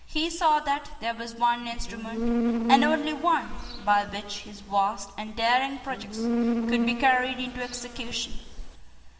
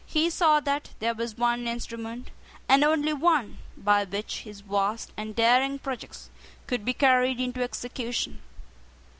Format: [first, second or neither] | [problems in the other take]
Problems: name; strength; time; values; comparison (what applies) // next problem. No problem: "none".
second | background sound (Insect); 3 dB below the speech // room echo; dies away in 1.6 s